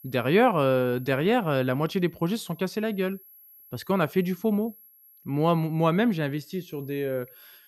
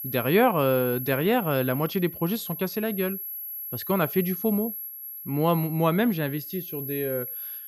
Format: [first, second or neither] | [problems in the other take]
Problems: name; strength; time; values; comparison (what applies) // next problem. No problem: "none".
first | high-pitched whine; loud; throughout; 11.5 kHz, 8 dB below the speech; faint in the first